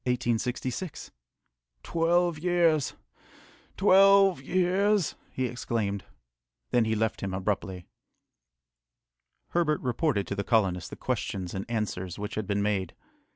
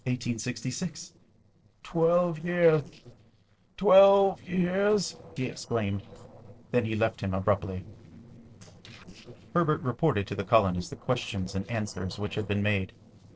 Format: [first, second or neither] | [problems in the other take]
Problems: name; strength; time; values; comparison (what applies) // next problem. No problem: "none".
first | noise reduction (neural separator model SepFormer DNS4)